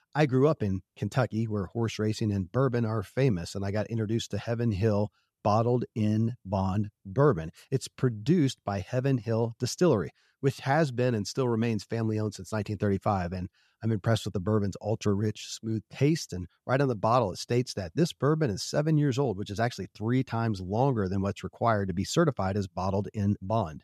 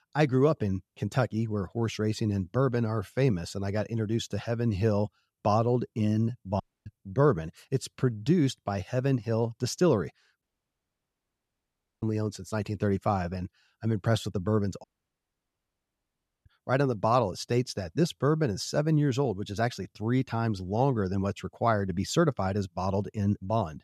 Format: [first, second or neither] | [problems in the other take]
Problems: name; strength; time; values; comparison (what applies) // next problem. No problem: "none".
first | audio cutting out; at 6.5 s, at 10 s for 1.5 s and at 15 s for 1.5 s